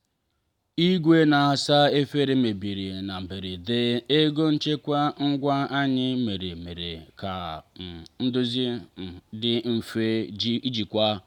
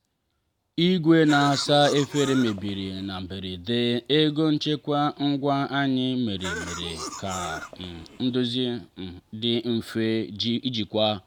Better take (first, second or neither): first